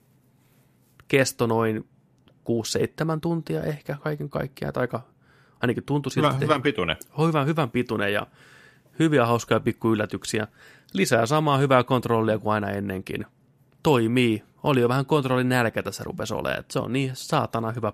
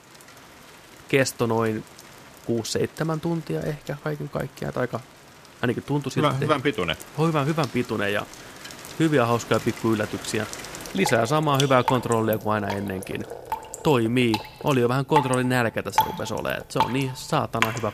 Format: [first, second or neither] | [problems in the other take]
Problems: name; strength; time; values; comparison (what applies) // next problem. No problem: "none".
first | rain or running water; loud; throughout; 8 dB below the speech